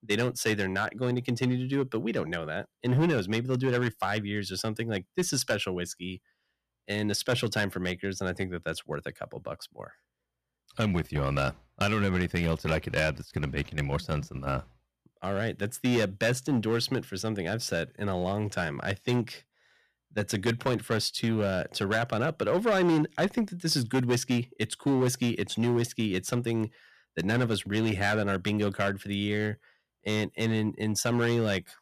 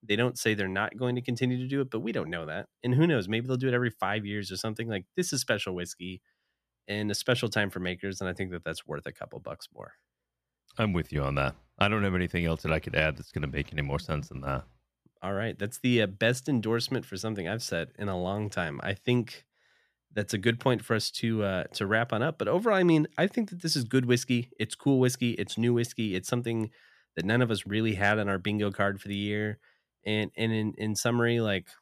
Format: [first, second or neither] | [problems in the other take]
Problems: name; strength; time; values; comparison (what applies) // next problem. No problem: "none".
second | distortion; slight; 5% of the sound clipped